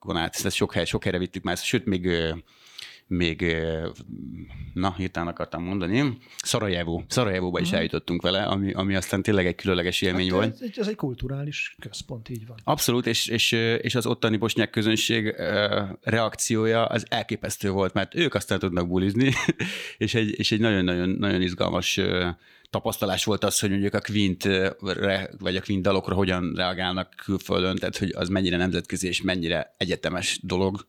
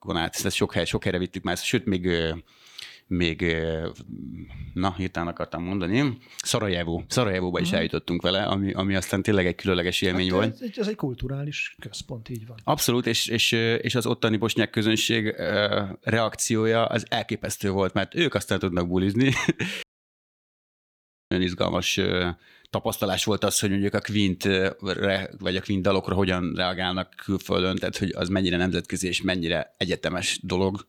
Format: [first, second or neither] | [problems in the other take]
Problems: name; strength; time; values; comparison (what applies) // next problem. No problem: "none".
first | audio cutting out; at 20 s for 1.5 s